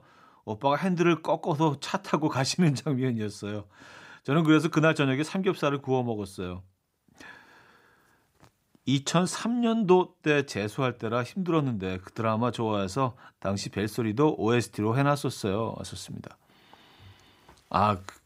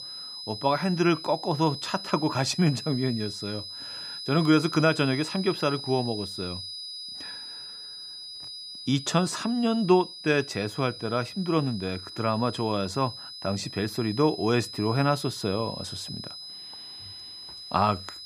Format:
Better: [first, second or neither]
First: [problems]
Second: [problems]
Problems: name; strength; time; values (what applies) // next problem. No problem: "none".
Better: first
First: none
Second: high-pitched whine; loud; throughout; 5 kHz, 10 dB below the speech